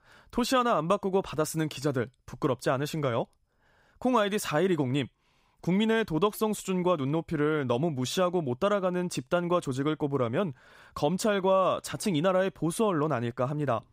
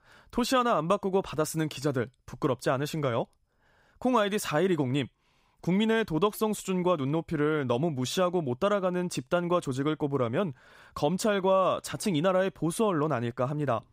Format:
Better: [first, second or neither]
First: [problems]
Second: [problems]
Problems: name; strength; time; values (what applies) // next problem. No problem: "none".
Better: neither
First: none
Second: none